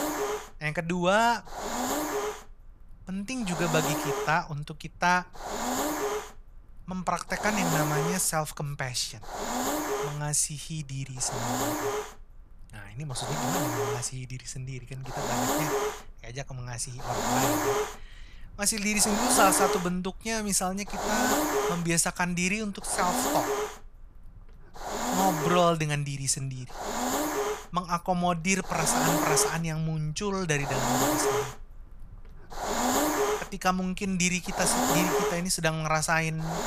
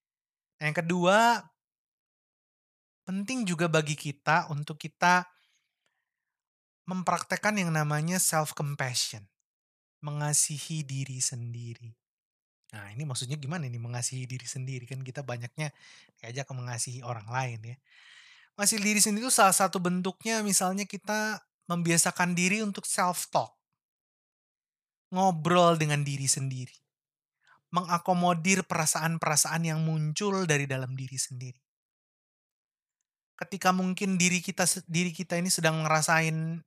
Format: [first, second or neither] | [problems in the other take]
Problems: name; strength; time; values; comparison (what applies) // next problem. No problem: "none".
second | hiss; loud; throughout; 1 dB below the speech